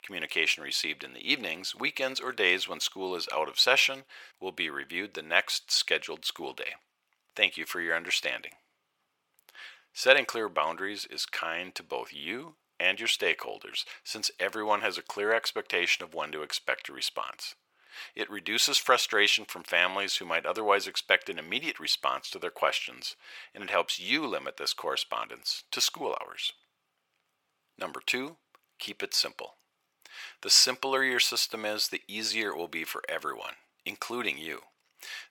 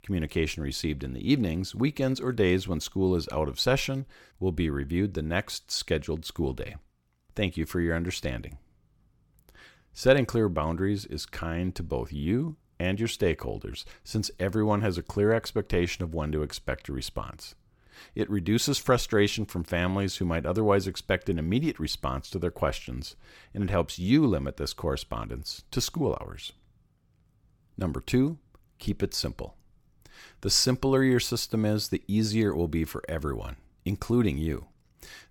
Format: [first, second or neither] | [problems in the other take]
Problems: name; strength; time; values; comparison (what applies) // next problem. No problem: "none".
second | thin; very; fading below 750 Hz